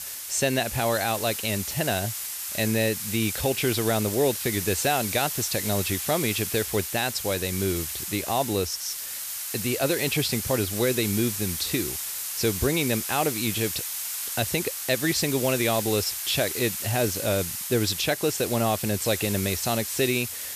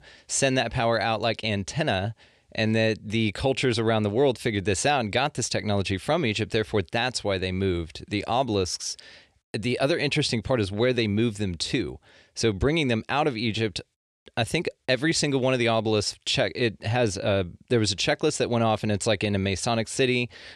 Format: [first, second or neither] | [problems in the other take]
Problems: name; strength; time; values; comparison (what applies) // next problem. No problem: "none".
second | hiss; loud; throughout; 3 dB below the speech